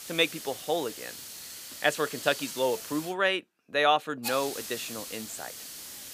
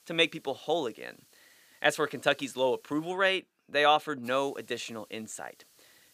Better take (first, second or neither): second